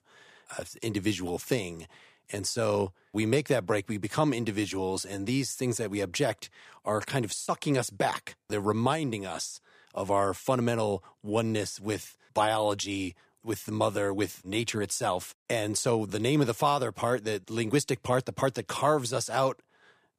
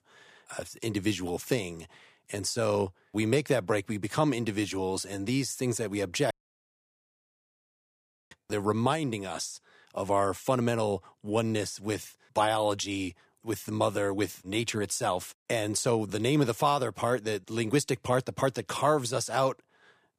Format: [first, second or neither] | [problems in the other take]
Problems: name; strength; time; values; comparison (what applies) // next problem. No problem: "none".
first | audio cutting out; at 6.5 s for 2 s